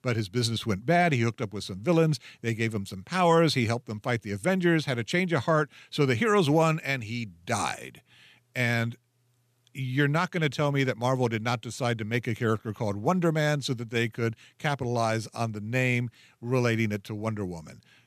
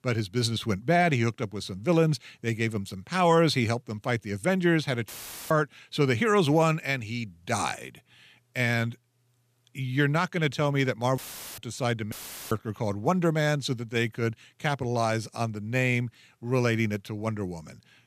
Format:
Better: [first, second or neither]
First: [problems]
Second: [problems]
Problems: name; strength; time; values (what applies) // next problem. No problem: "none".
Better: first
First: none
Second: audio cutting out; filled with static; at 5 s, at 11 s and at 12 s